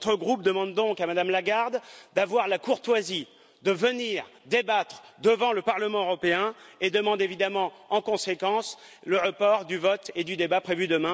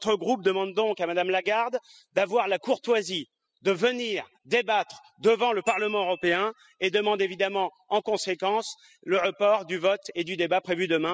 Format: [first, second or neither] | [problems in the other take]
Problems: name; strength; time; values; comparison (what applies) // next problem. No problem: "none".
first | noise reduction (classical method spectral subtraction)